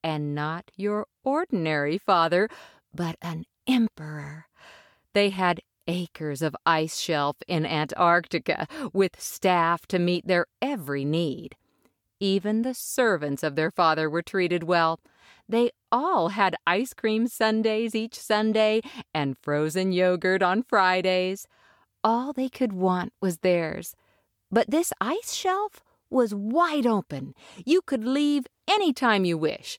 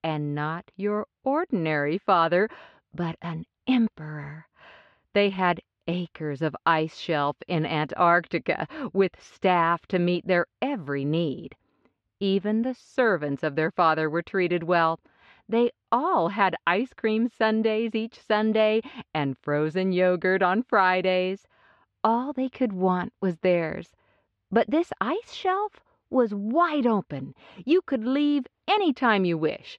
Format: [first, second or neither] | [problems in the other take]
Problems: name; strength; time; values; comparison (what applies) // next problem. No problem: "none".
first | muffled; slightly; fading above 3 kHz